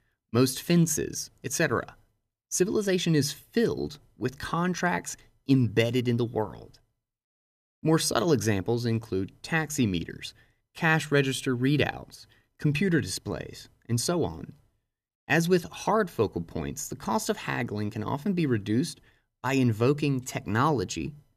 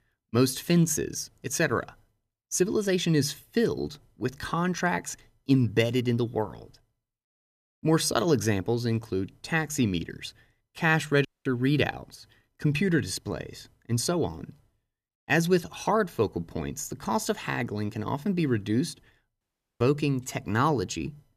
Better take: first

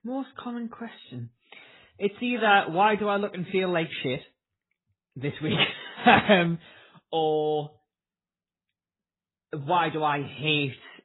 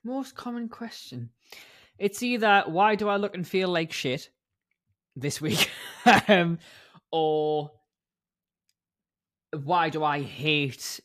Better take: second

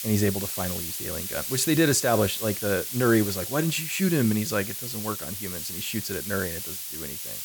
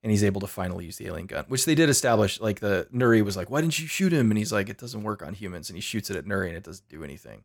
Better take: second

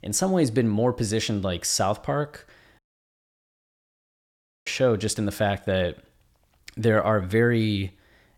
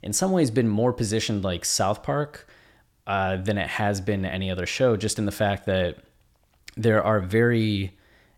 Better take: second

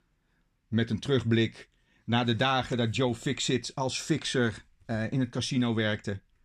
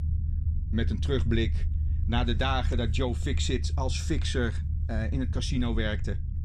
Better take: first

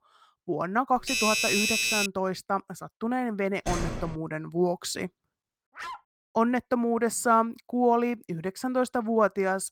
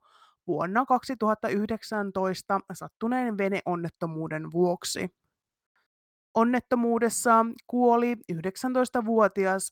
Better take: second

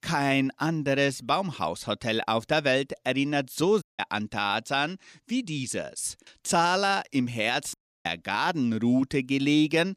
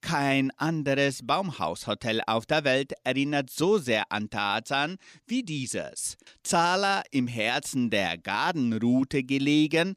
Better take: second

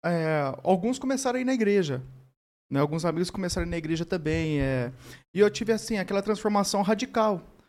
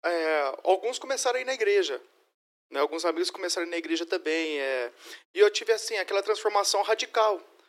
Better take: first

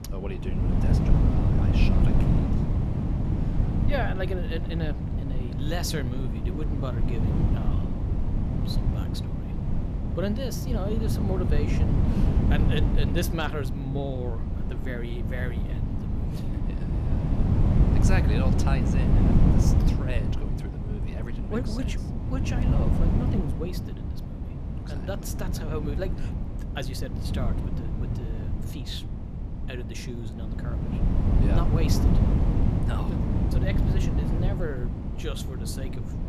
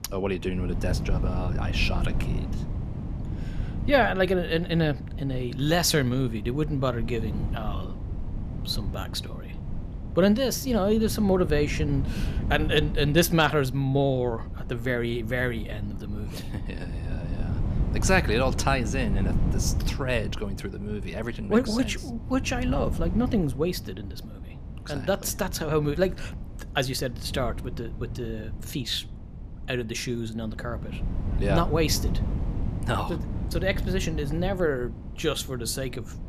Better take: second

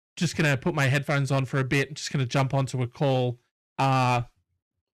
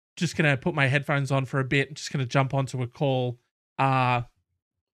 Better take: second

